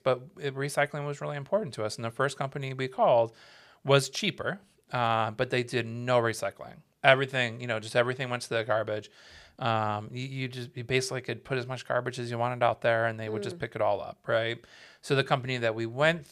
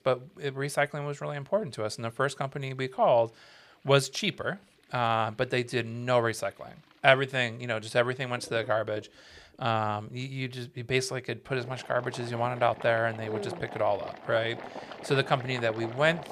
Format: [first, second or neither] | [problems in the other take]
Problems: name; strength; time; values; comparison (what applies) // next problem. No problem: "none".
first | household noises; noticeable; throughout; 15 dB below the speech